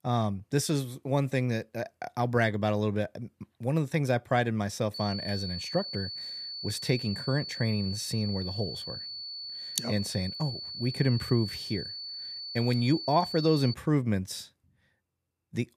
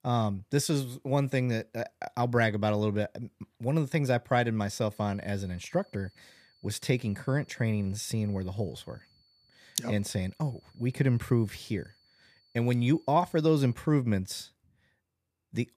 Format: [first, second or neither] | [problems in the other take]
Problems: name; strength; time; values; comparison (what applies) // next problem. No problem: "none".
second | high-pitched whine; loud; from 5 to 14 s; 4.5 kHz, 6 dB below the speech; faint in the second